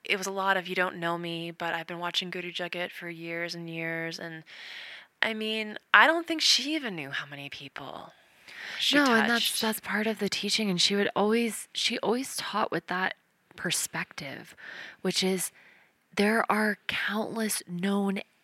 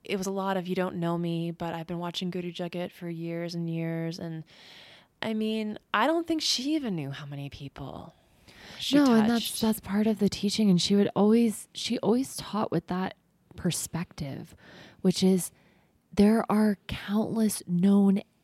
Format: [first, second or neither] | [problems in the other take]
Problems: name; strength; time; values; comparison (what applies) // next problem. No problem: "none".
second | thin; somewhat; fading below 1 kHz